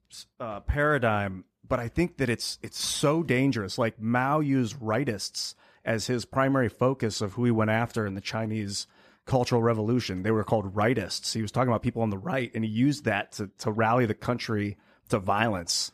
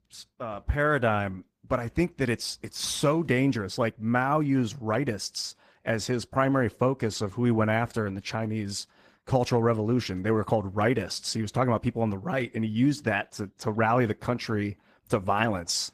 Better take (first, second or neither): first